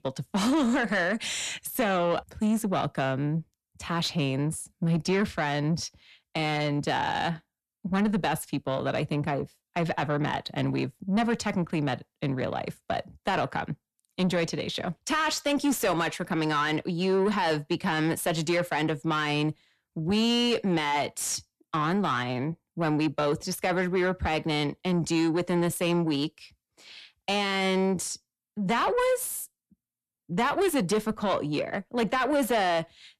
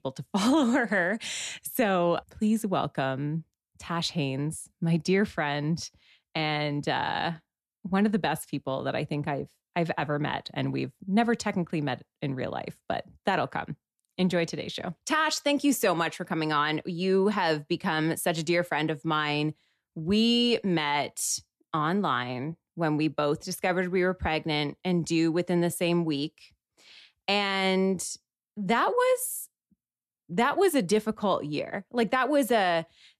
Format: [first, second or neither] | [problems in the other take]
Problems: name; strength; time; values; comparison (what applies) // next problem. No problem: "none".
second | distortion; slight; 10 dB below the speech